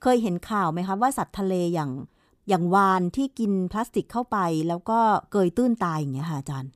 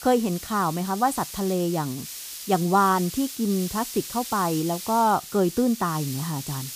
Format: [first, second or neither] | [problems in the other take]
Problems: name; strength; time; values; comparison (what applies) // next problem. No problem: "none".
first | hiss; loud; throughout; 10 dB below the speech